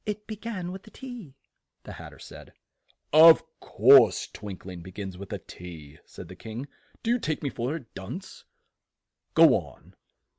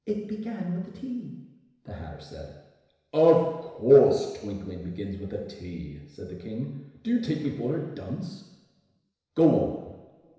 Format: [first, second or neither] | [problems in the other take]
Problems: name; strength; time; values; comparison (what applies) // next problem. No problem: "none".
first | room echo; dies away in 1 s